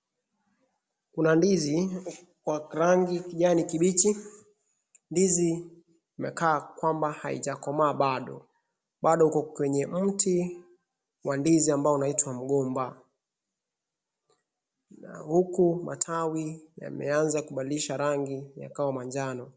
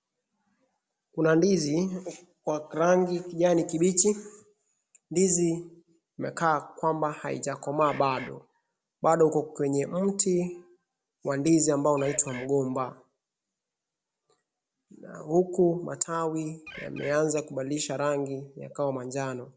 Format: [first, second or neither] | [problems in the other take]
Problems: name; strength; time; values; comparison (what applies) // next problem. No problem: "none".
first | background sound (Bird); 15 dB below the speech